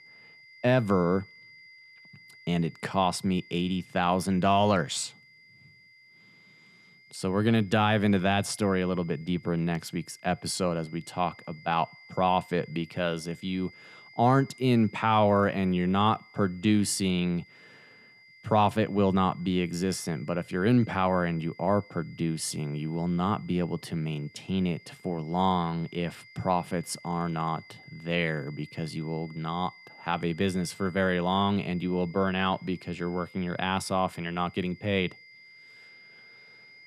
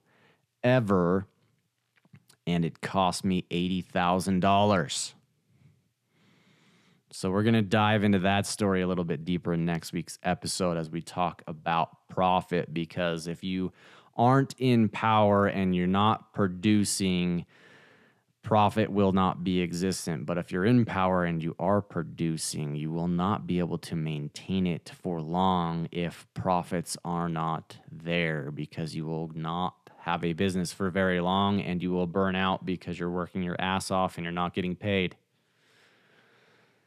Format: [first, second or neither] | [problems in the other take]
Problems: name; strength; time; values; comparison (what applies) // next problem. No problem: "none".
second | high-pitched whine; faint; throughout; 2 kHz, 25 dB below the speech